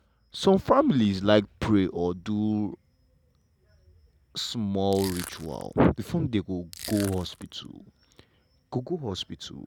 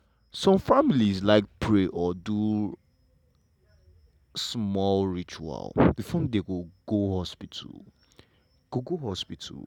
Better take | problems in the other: second | background sound (Crushing); 15 dB below the speech

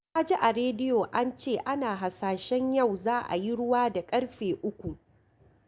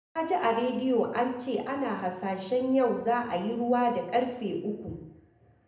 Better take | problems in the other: first | room echo; dies away in 0.7 s

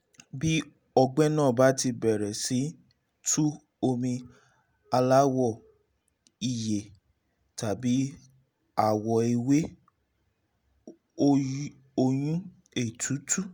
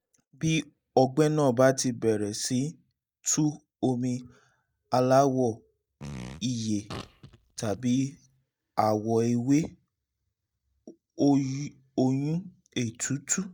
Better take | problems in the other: first | noise reduction (neural mask model DeepFilterNet 3)

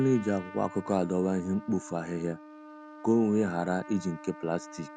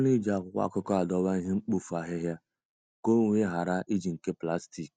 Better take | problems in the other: second | background sound (Trumpet); 17 dB below the speech

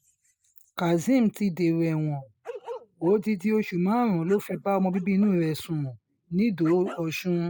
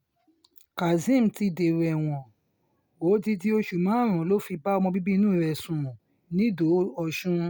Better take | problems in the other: second | noise reduction (neural mask model Resemble Enhance denoiser)

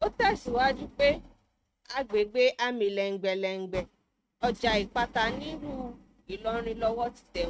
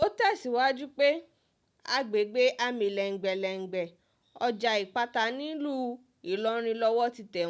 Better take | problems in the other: second | noise reduction (neural mask model RNNoise)

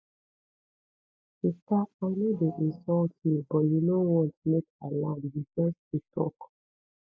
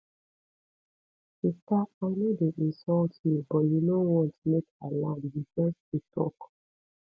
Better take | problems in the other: second | noise reduction (neural mask model DeepFilterNet 3)

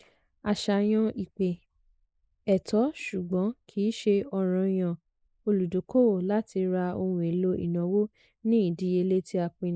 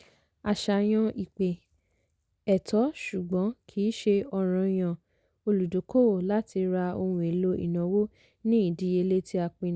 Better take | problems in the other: second | noise reduction (neural mask model Resemble Enhance denoiser)

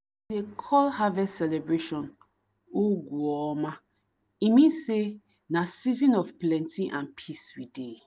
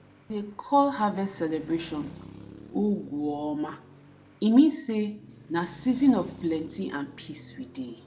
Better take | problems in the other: first | background sound (Traffic noise, roadway noise); 20 dB below the speech // room echo; dies away in 0.6 s

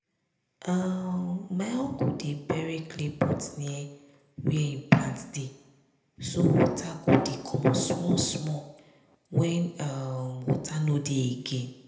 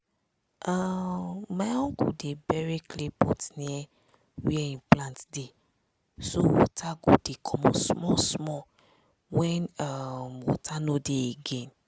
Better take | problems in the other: second | room echo; dies away in 0.7 s

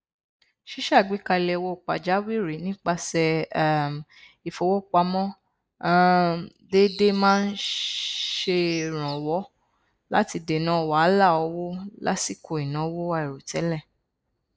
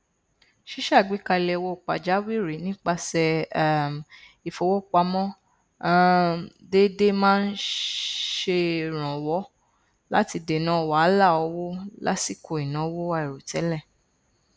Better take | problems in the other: second | noise reduction (neural mask model DeepFilterNet 3)

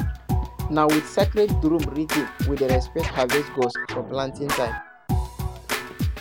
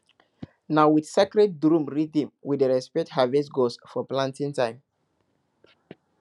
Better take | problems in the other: second | background sound (Scratching (performance technique)); 2 dB below the speech

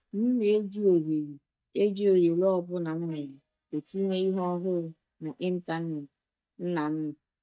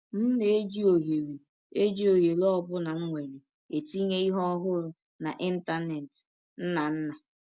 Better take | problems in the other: second | noise reduction (neural mask model DeepFilterNet 3)

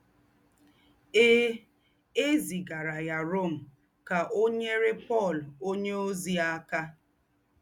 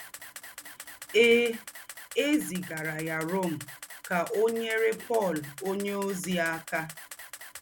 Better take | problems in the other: first | background sound (Camera); 15 dB below the speech

